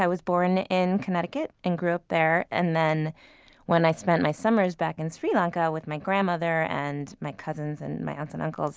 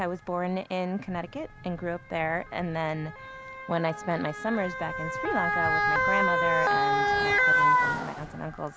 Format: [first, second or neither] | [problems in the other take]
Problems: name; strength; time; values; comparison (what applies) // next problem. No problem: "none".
first | background sound (Motor vehicle (road) / Siren); 4 dB above the speech